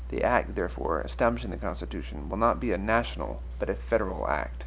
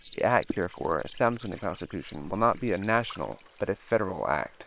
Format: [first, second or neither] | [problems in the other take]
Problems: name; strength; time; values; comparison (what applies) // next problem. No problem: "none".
first | noise reduction (neural separator model SepFormer WHAM!)